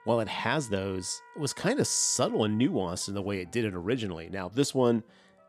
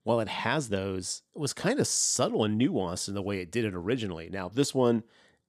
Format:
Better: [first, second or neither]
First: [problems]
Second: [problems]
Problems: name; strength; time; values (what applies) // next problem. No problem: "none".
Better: second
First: background music; faint; throughout; 25 dB below the speech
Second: none